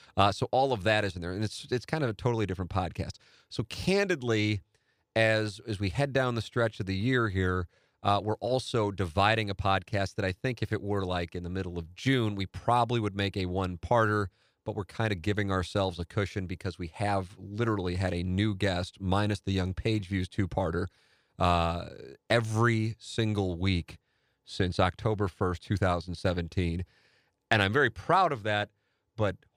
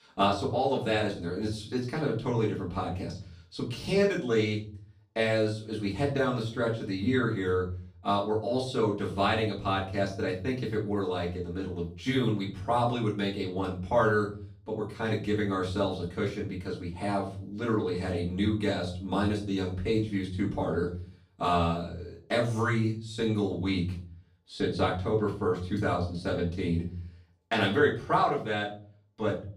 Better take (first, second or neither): first